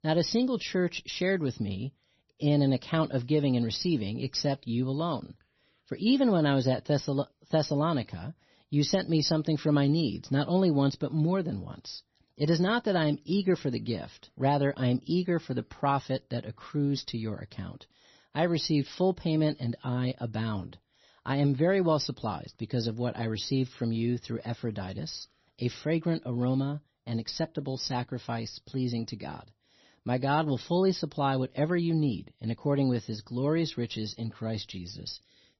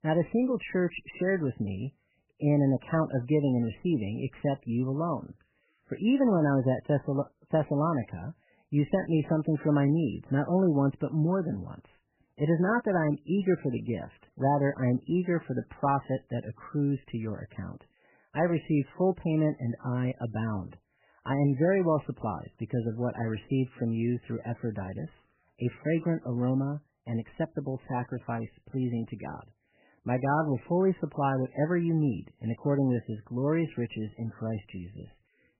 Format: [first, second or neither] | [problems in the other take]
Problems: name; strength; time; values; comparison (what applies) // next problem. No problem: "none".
first | garbled, watery; badly; nothing above 3 kHz; slightly in the first